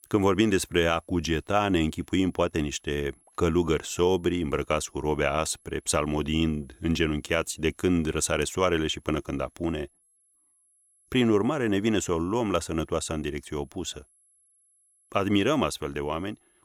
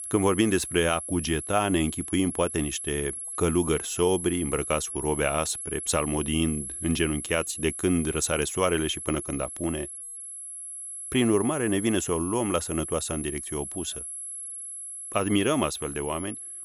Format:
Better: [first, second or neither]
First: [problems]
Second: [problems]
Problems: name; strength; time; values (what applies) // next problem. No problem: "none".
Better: first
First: high-pitched whine; faint; throughout; 11 kHz, 35 dB below the speech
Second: high-pitched whine; loud; throughout; 11 kHz, 7 dB below the speech